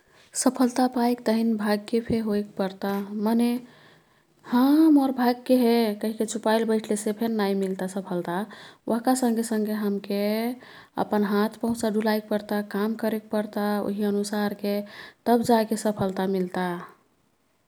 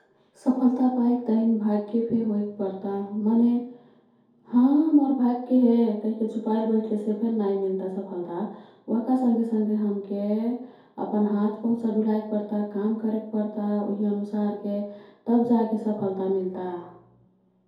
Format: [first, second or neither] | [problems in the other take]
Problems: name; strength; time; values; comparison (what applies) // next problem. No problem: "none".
first | room echo; dies away in 2.2 s